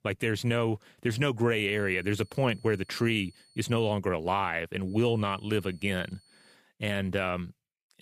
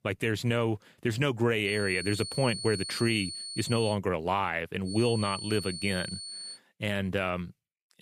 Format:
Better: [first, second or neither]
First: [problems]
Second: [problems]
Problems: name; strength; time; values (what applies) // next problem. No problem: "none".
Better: first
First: high-pitched whine; faint; from 1.5 to 4 s and from 5 to 6.5 s; 4.5 kHz, 30 dB below the speech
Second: high-pitched whine; loud; from 1.5 to 4 s and from 5 to 6.5 s; 4.5 kHz, 8 dB below the speech